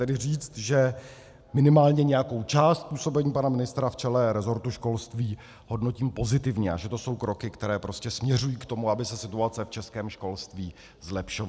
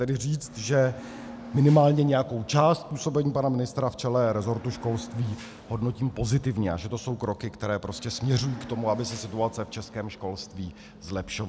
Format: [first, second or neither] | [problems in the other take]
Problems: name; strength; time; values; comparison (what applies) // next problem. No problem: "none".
first | background sound (Hiss / Bus / Engine); 18 dB below the speech